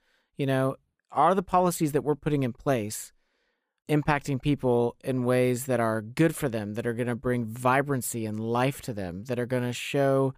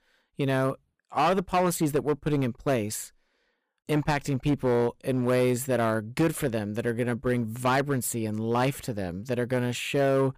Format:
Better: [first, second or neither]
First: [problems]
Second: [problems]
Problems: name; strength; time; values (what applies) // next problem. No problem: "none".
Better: first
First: none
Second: distortion; slight; 6% of the sound clipped